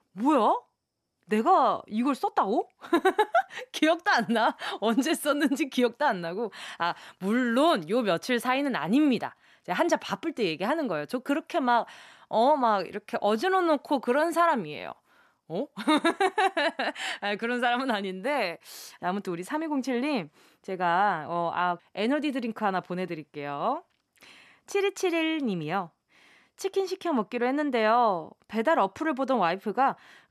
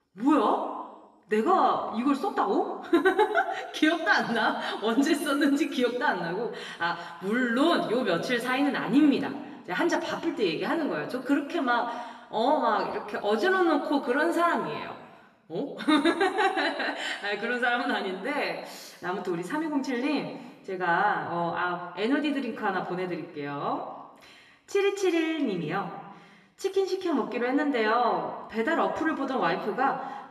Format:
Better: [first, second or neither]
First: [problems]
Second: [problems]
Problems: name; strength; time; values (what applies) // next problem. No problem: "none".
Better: first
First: none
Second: room echo; slight; dies away in 1 s // off-mic speech; far